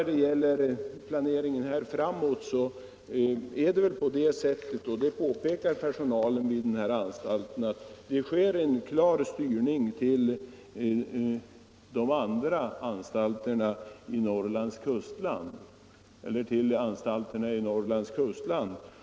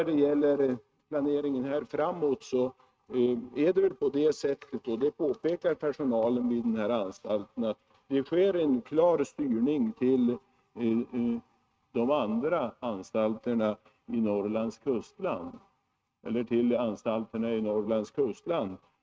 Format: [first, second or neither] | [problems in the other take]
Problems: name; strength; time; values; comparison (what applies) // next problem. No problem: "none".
first | noise reduction (neural mask model RNNoise)